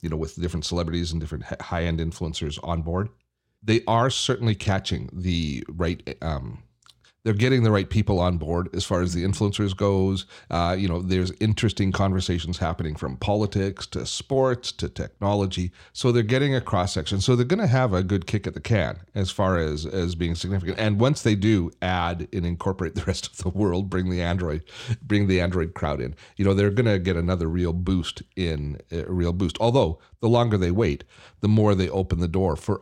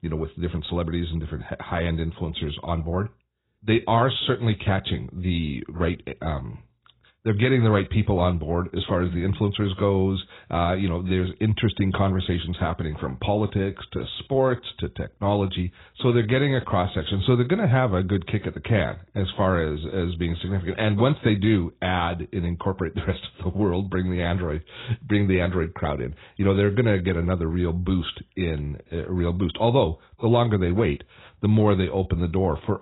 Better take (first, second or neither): first